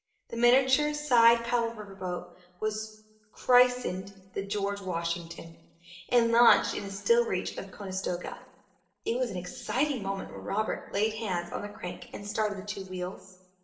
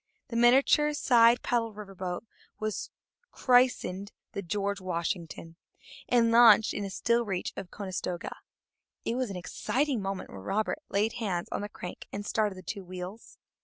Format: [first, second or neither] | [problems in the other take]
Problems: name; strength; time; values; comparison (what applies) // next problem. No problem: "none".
second | room echo; dies away in 0.7 s